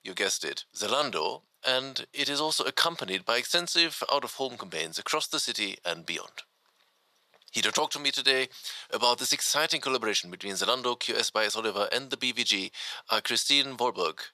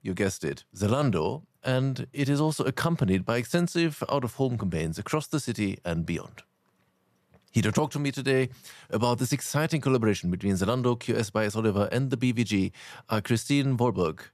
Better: second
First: thin; very; fading below 600 Hz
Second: none

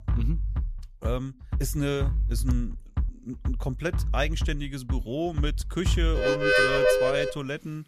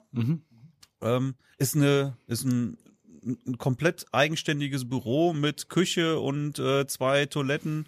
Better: second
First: background music; very loud; throughout; 4 dB above the speech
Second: none

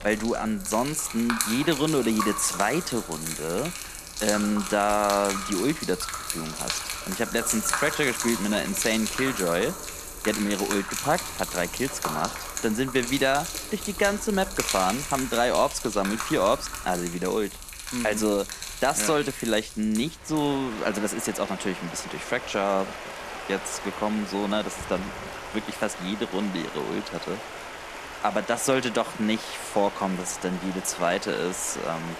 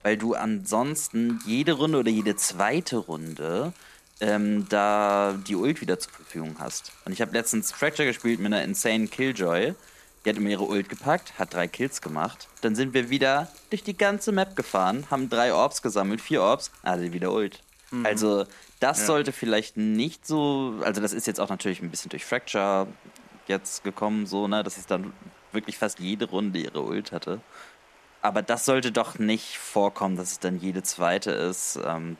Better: second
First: rain or running water; loud; throughout; 6 dB below the speech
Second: rain or running water; faint; throughout; 25 dB below the speech

